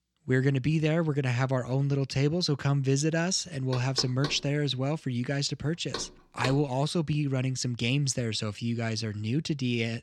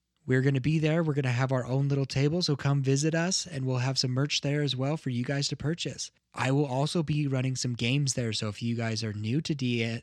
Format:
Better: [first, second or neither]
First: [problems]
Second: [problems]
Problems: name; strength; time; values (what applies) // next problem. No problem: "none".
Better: second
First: door banging; noticeable; from 3.5 to 6.5 s; peak 8 dB below the speech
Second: none